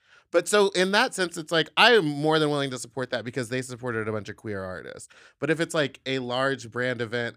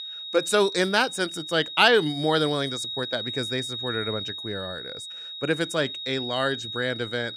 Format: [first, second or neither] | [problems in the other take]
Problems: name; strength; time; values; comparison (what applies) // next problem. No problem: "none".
first | high-pitched whine; loud; throughout; 4 kHz, 7 dB below the speech